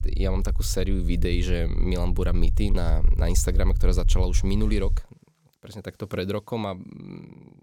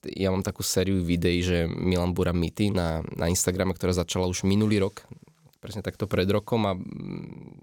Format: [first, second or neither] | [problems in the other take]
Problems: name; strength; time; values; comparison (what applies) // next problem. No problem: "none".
second | low rumble; noticeable; until 5 s; 15 dB below the speech